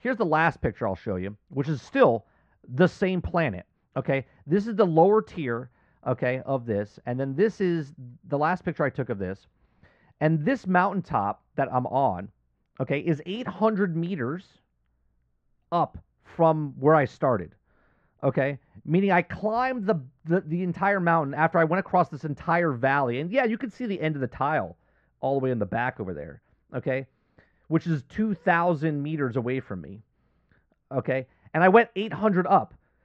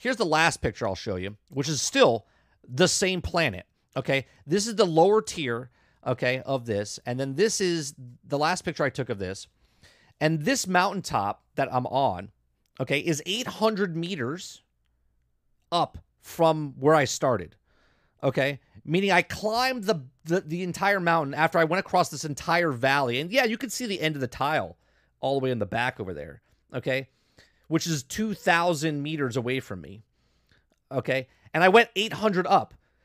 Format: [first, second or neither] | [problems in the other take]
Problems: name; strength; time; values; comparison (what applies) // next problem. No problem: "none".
second | muffled; very; fading above 1.5 kHz